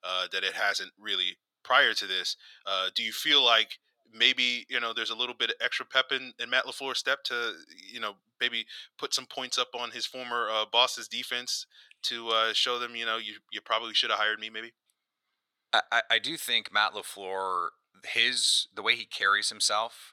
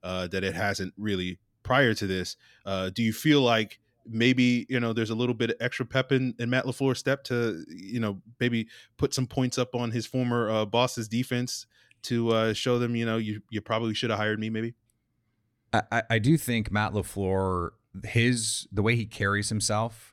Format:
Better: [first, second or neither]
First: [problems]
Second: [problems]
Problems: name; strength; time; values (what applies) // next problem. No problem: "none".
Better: second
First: thin; very; fading below 800 Hz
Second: none